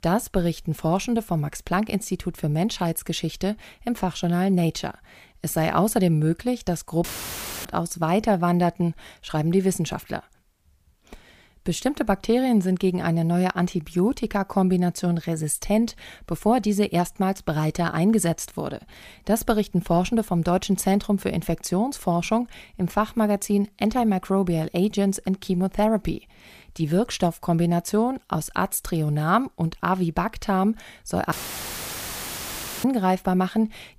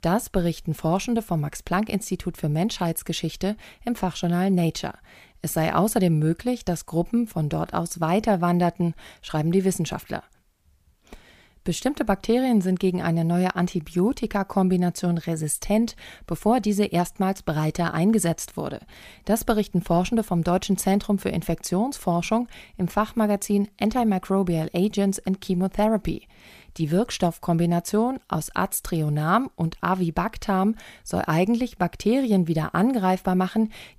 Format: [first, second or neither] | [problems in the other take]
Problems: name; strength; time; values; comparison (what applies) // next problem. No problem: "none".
second | audio cutting out; filled with static; at 7 s for 0.5 s and at 31 s for 1.5 s